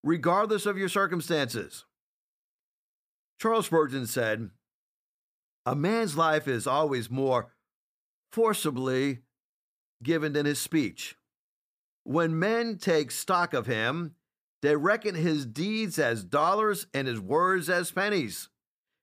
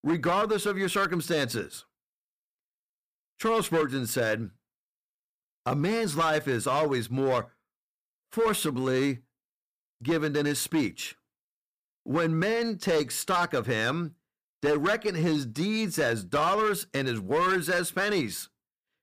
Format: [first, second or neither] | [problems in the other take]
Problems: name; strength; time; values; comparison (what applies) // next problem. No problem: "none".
first | distortion; slight; 8% of the sound clipped